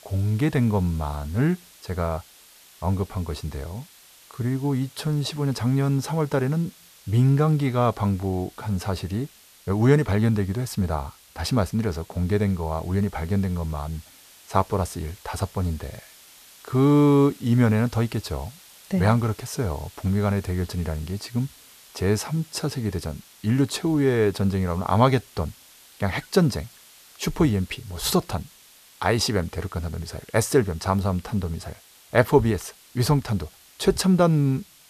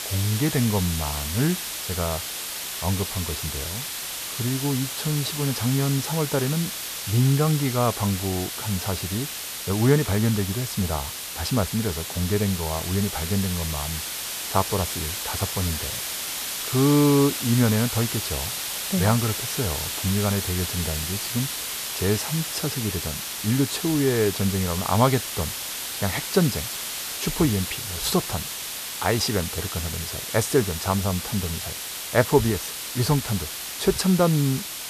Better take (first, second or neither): first